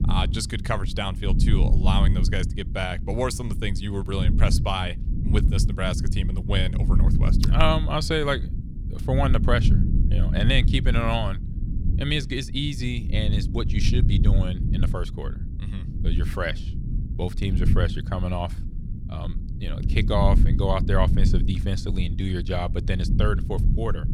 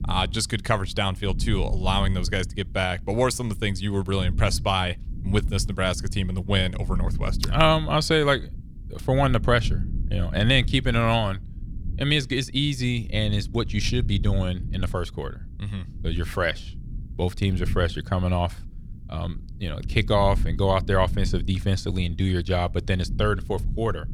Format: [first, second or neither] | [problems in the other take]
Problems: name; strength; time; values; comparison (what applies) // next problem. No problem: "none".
second | low rumble; loud; throughout; 10 dB below the speech; faint in the second